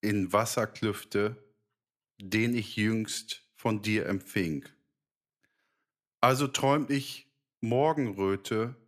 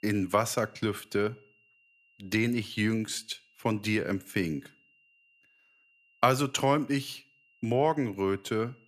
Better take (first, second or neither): first